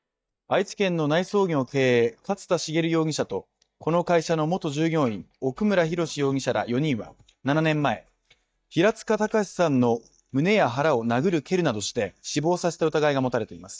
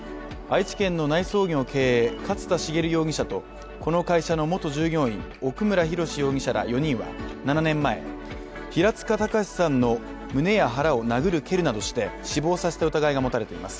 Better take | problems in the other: second | noise reduction (neural mask model DeepFilterNet 3)

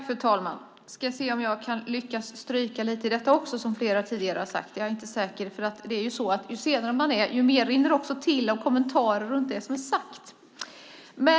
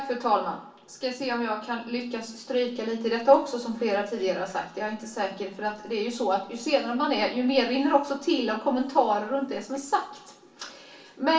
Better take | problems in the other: first | room echo; dies away in 0.3 s

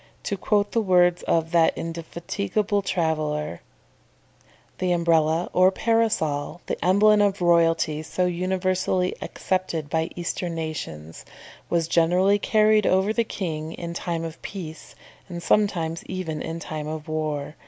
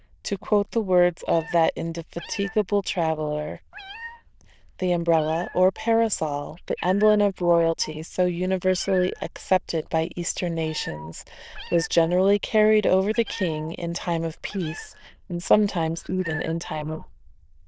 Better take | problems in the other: first | noise reduction (neural diffusion model UNIVERSE++)

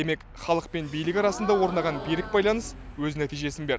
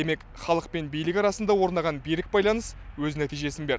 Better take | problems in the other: second | background sound (Gasp); 12 dB below the speech

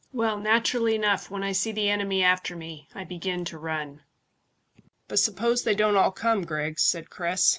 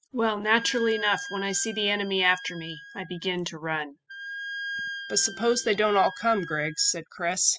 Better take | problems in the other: first | noise reduction (classical method spectral subtraction)

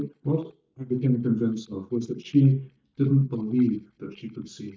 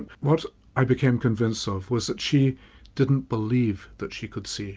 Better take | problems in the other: second | noise reduction (neural mask model DeepFilterNet 3)

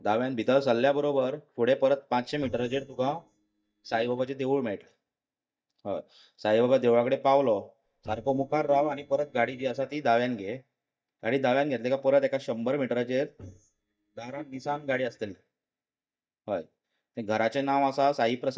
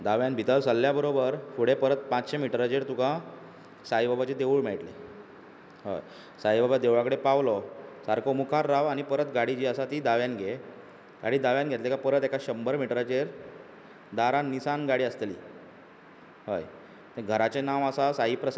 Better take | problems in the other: second | noise reduction (neural mask model DeepFilterNet 3)

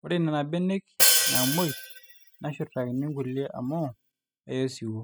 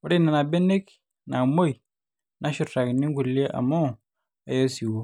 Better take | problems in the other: second | noise reduction (classical method spectral subtraction)

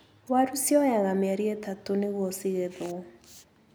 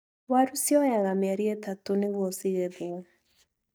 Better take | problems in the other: first | noise reduction (neural mask model DeepFilterNet 3)

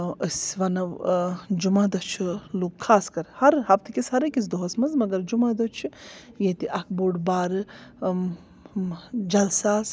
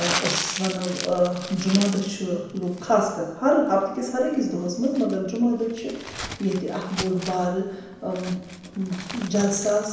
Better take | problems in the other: first | background sound (Crumpling, crinkling); 11 dB below the speech // room echo; dies away in 0.9 s

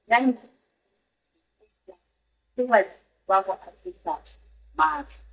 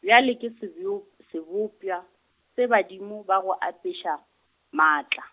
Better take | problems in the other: second | noise reduction (neural mask model DeepFilterNet 3)

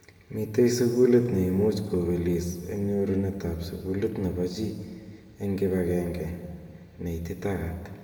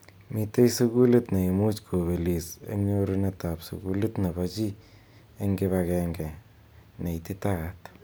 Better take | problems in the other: second | room echo; dies away in 1.8 s

